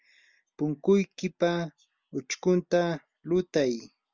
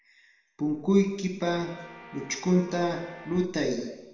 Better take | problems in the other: first | background sound (Guitar); 18 dB below the speech // room echo; dies away in 1 s

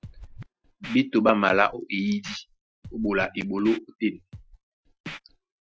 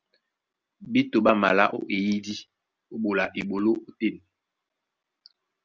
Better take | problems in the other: second | noise reduction (classical method Wiener filter)

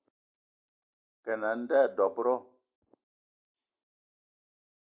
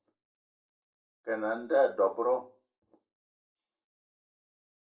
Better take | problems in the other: first | room echo; dies away in 0.2 s

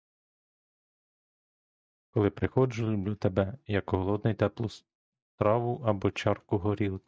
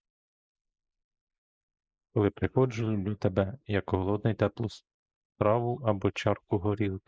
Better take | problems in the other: first | noise reduction (neural mask model Resemble Enhance denoiser)

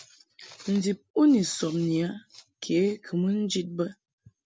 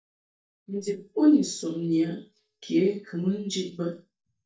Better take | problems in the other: first | noise reduction (neural mask model DeepFilterNet 3)

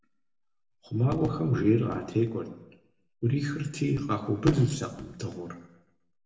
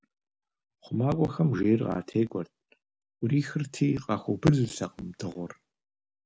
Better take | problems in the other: second | room echo; dies away in 0.8 s

